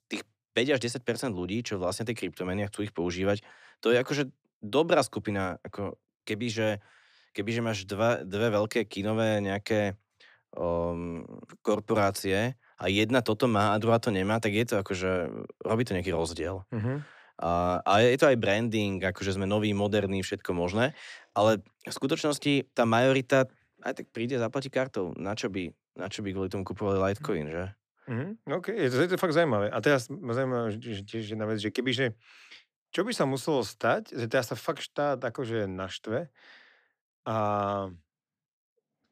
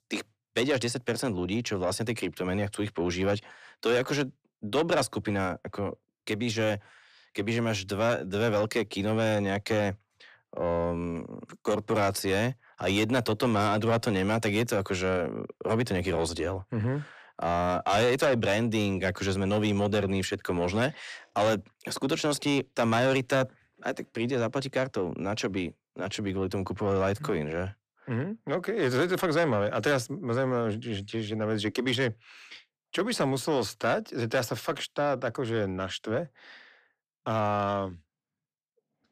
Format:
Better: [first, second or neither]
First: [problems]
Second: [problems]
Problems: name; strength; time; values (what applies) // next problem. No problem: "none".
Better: first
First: none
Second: distortion; slight; 10 dB below the speech